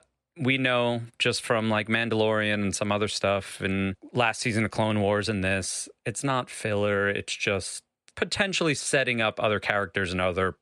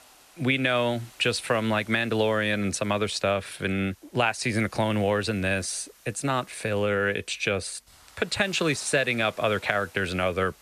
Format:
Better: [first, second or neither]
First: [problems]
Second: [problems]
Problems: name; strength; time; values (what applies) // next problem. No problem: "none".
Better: first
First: none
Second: hiss; faint; throughout; 25 dB below the speech